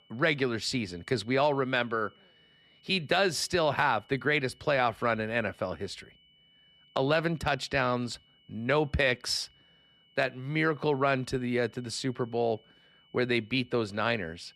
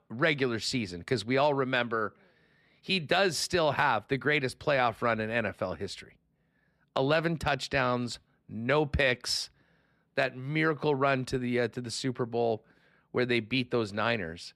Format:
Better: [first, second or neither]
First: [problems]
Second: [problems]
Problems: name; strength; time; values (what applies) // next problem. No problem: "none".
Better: second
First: high-pitched whine; faint; throughout; 3 kHz, 30 dB below the speech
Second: none